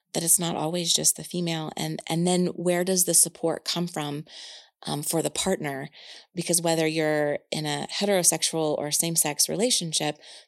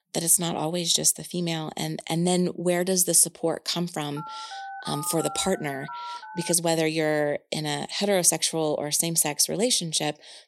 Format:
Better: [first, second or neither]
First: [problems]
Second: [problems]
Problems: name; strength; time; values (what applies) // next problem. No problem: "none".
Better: first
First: none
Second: phone ringing; faint; from 4 to 6.5 s; peak 10 dB below the speech